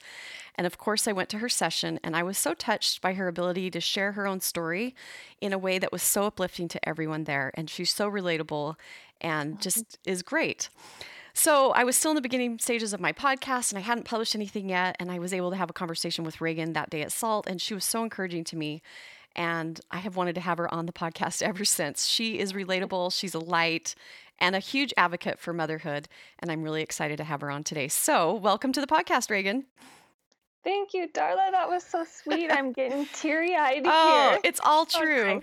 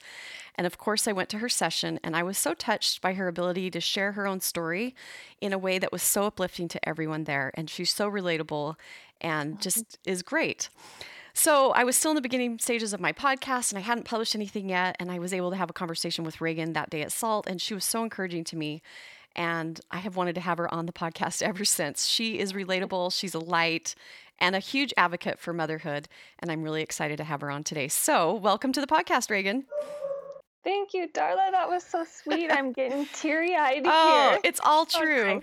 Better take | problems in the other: first | dog barking; noticeable; at 30 s; peak 7 dB below the speech

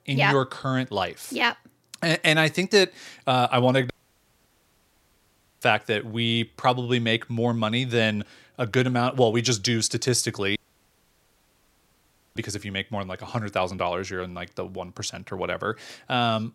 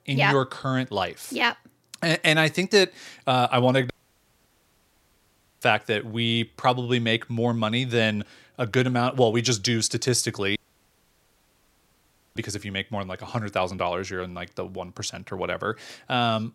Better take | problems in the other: neither | audio cutting out; at 4 s for 1.5 s and at 11 s for 2 s; the same in both

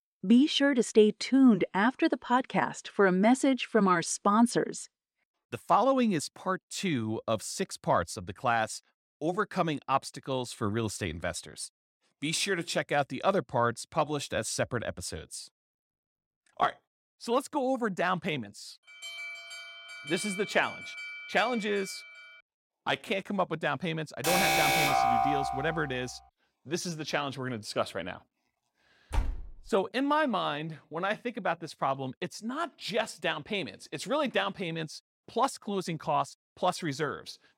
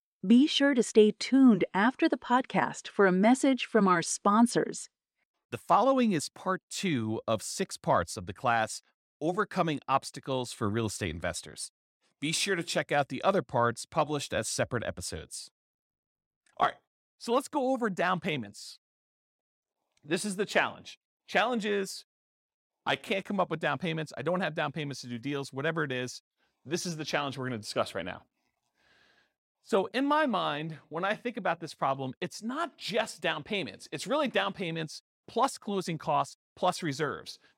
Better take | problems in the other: second | alarm; noticeable; from 19 to 22 s; peak 7 dB below the speech // alarm; loud; from 24 to 26 s; peak 6 dB above the speech // door banging; noticeable; at 29 s; peak 6 dB below the speech

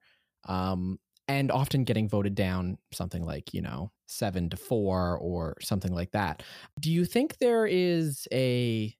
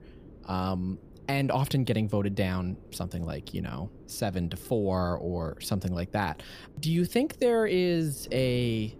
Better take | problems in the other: first | wind noise on the microphone; occasional gusts; 25 dB below the speech

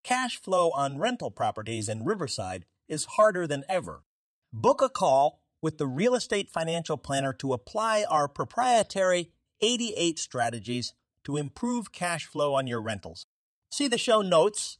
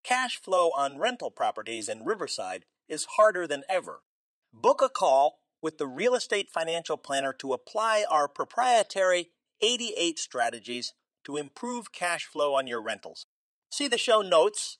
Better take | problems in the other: first | thin; somewhat; fading below 400 Hz

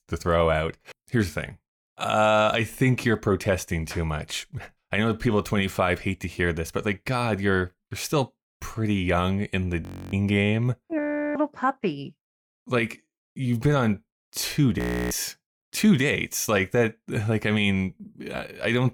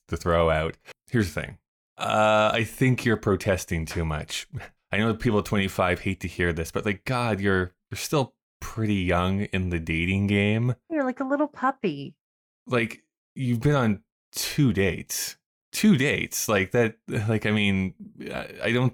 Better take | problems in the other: second | audio freezing; at 10 s, at 11 s and at 15 s

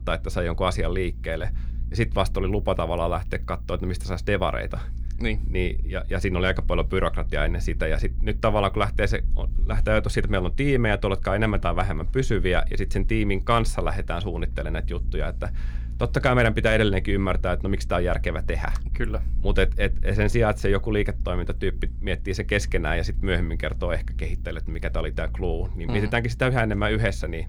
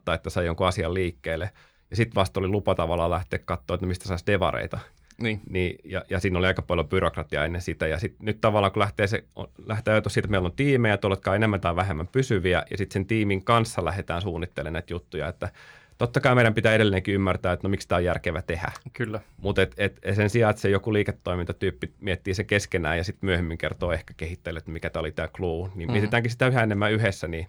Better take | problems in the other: second | low rumble; faint; throughout; 25 dB below the speech

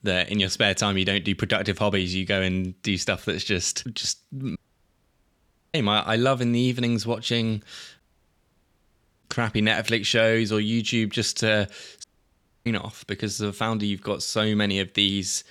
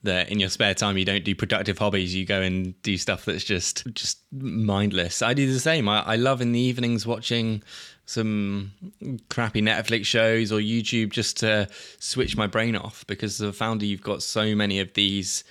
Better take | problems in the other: second | audio cutting out; at 4.5 s for 1 s, at 8 s for 1 s and at 12 s for 0.5 s

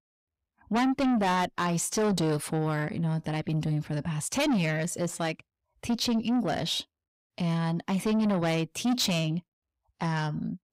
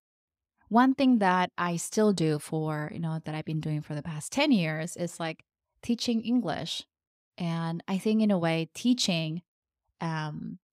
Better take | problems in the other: second | distortion; heavy; 7 dB below the speech

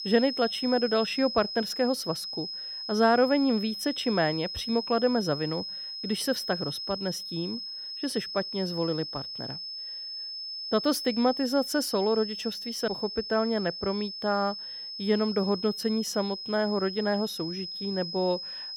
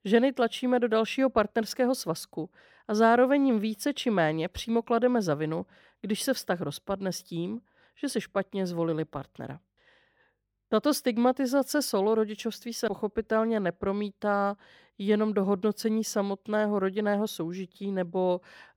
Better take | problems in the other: second | high-pitched whine; loud; throughout; 5 kHz, 6 dB below the speech

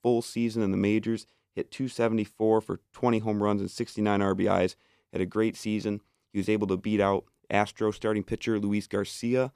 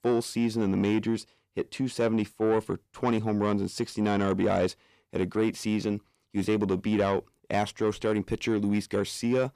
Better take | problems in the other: first | distortion; slight; 10 dB below the speech

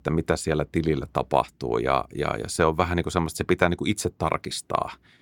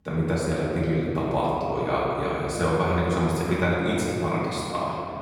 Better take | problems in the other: first | off-mic speech; far // room echo; strong; dies away in 2.5 s

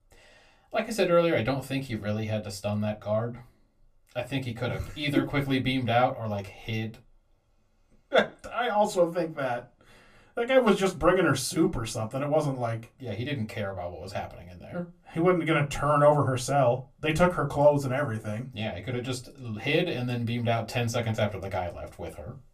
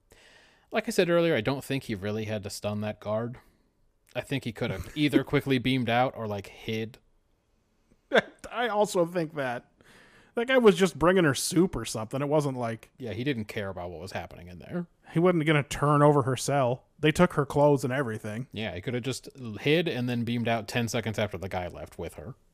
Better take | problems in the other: second | off-mic speech; somewhat distant // room echo; very slight; dies away in 0.2 s

